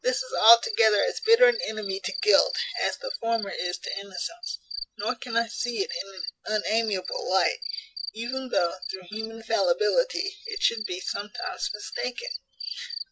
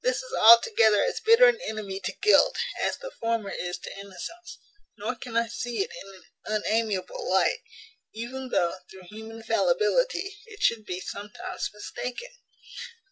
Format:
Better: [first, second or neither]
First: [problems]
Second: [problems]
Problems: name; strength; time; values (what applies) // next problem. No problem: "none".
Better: second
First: background sound (Cricket); 9 dB below the speech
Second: none